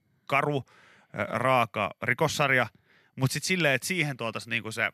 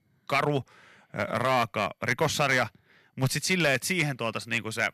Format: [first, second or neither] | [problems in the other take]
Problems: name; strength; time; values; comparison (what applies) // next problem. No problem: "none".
first | distortion; slight; 4% of the sound clipped